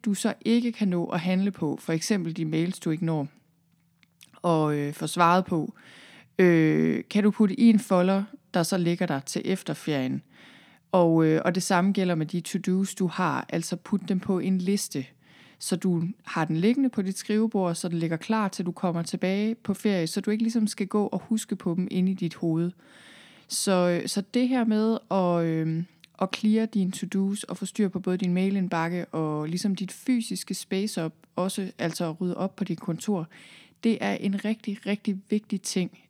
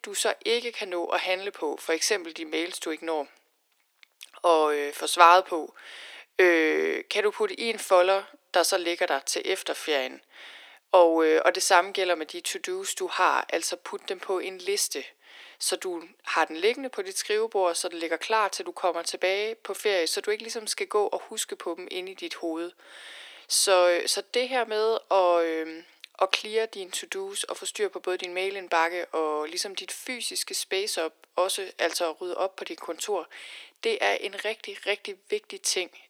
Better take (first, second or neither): first